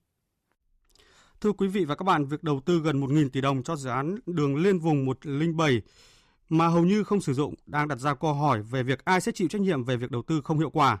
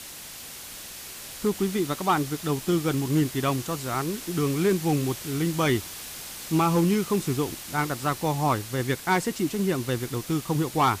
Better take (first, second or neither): first